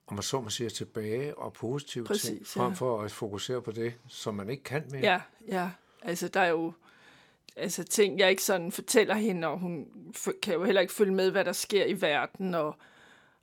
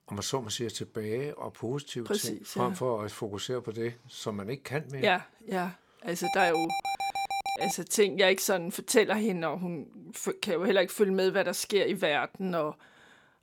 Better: first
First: none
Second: alarm; noticeable; from 6 to 7.5 s; peak 1 dB below the speech

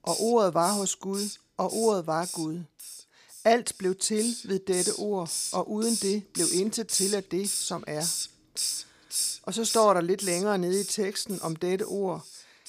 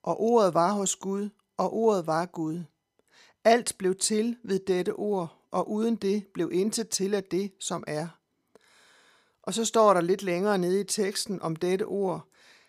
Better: second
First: hiss; loud; throughout; 3 dB below the speech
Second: none

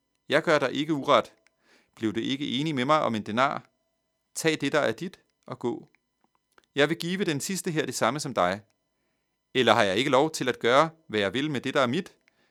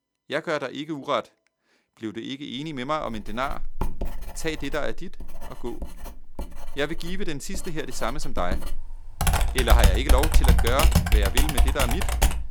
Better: first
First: none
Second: household noises; very loud; from 3.5 s on; 6 dB above the speech

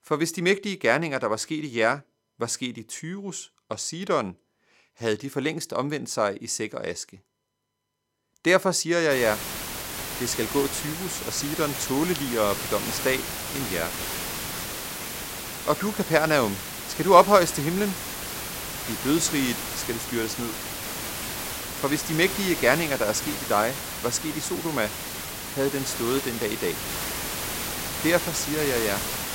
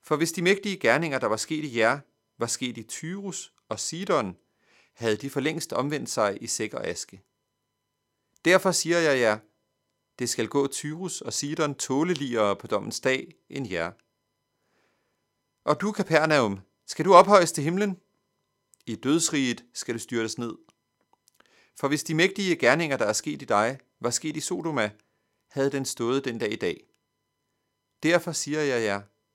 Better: second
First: hiss; loud; from 9 s on; 5 dB below the speech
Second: none

